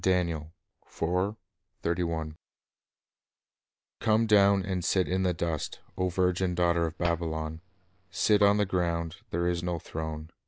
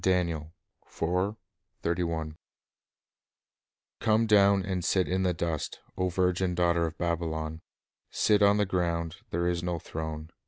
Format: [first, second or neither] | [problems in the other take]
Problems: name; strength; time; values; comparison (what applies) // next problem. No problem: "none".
second | background sound (Bowed string instrument + Hands); 19 dB below the speech